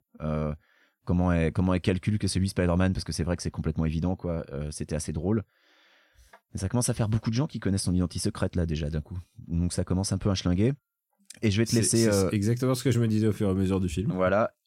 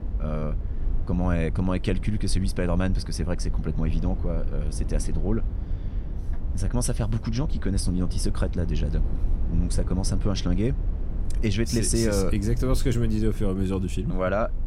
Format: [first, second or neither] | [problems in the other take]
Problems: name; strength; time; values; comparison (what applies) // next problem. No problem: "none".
first | low rumble; noticeable; throughout; 15 dB below the speech